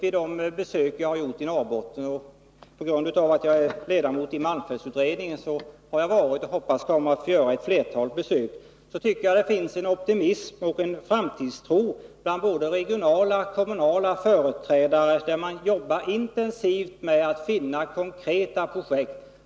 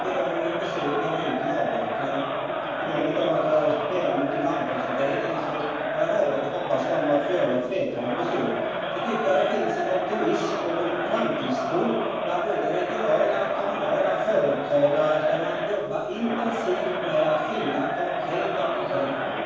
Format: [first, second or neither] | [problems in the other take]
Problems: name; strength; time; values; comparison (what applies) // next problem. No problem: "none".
first | background sound (Crowd); 2 dB below the speech // room echo; dies away in 1.2 s